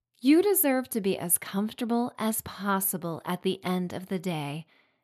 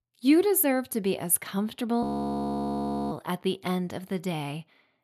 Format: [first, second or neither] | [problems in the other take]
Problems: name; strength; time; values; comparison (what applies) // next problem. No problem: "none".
first | audio freezing; at 2 s for 1 s